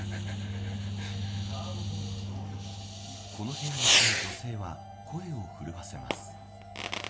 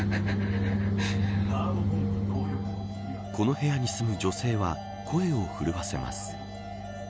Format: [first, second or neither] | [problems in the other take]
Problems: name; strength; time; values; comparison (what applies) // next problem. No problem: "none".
second | background sound (Fireworks); 3 dB above the speech // room echo; dies away in 3 s